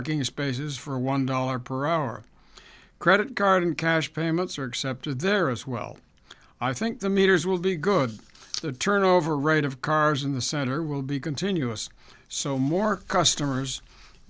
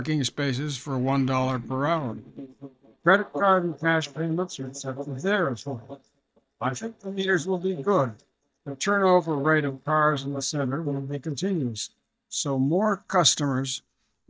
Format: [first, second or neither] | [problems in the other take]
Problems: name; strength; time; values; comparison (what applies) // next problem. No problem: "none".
first | noise reduction (neural mask model DeepFilterNet 3)